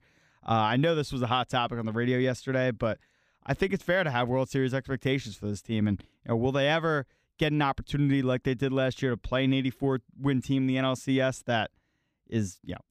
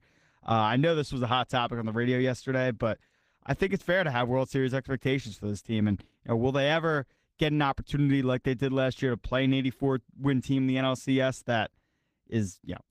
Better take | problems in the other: first | garbled, watery; slightly; nothing above 15 kHz

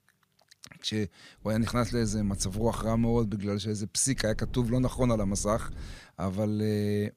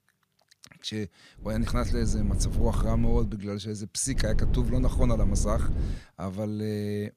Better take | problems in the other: first | low rumble; loud; from 1.5 to 3.5 s and from 4 to 6 s; 10 dB below the speech; faint in the first

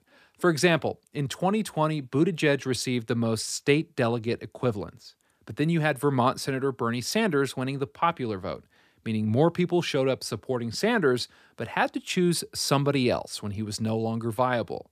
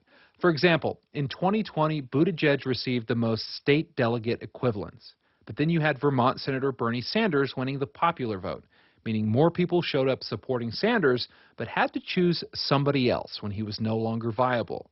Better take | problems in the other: first | garbled, watery; badly; nothing above 5.5 kHz

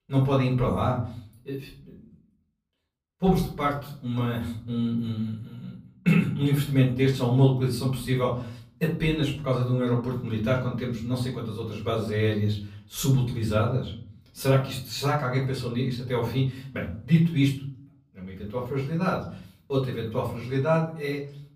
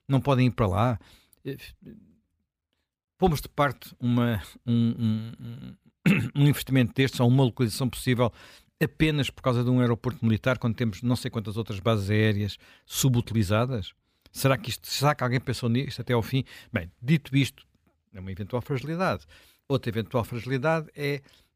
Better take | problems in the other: second | off-mic speech; far // room echo; slight; dies away in 0.5 s

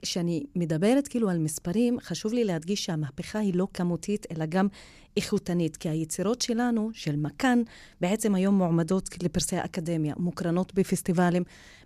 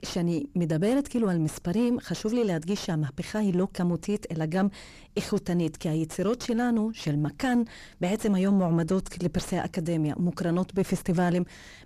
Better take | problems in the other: first | distortion; slight; 10 dB below the speech

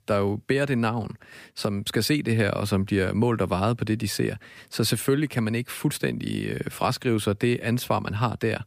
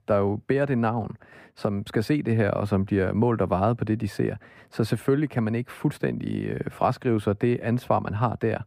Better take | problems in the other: first | muffled; very; fading above 2.5 kHz

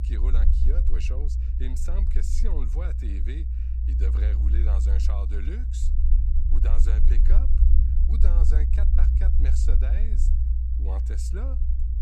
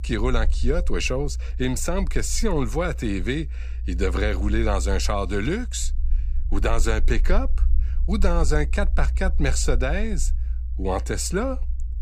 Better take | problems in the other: second | low rumble; loud; throughout; 1 dB below the speech; faint in the second

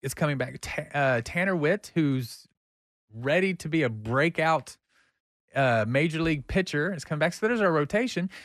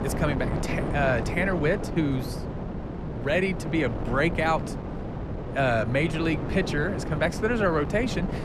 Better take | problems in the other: first | wind noise on the microphone; heavy; 9 dB below the speech

